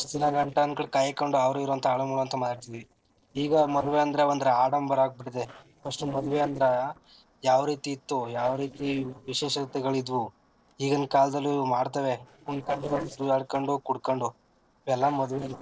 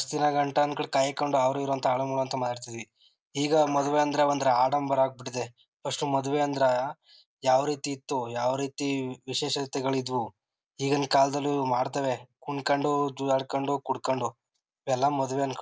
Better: second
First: noise reduction (neural separator model SepFormer DNS4)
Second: none

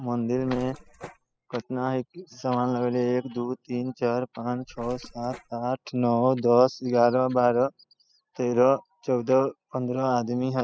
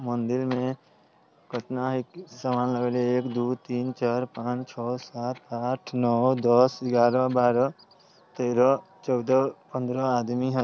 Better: second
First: noise reduction (classical method spectral subtraction)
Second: none

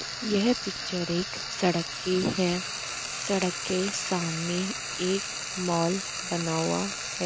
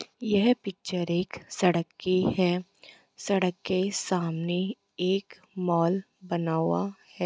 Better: second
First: background sound (Frying (food)); 5 dB below the speech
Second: none

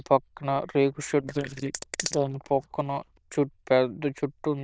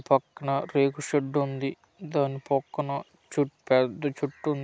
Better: second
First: noise reduction (neural diffusion model UNIVERSE++)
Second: none

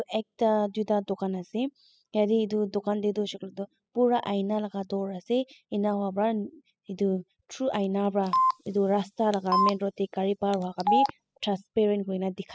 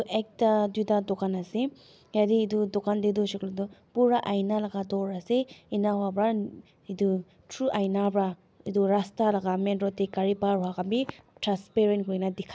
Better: second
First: noise reduction (classical method spectral subtraction)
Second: none

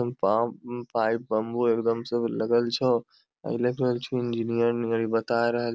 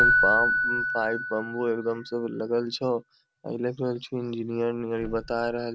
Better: first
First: none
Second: background sound (Keyboard (musical)); as loud as the speech

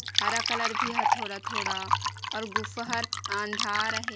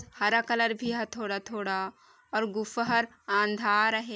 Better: second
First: background sound (Fill (with liquid)); 4 dB above the speech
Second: none

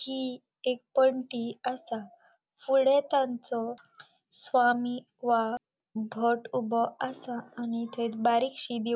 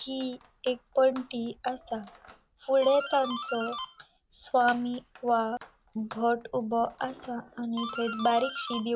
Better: first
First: none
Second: background sound (Doorbell); 13 dB below the speech

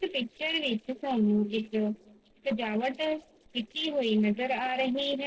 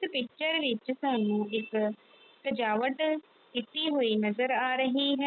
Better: second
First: noise reduction (neural separator model SepFormer DNS4)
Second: none

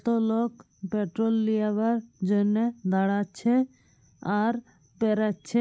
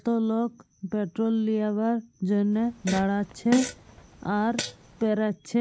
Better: first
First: none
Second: background sound (Fart); 10 dB below the speech

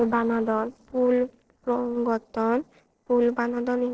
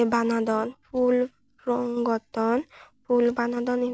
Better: second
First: noise reduction (neural separator model SepFormer DNS4)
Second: none

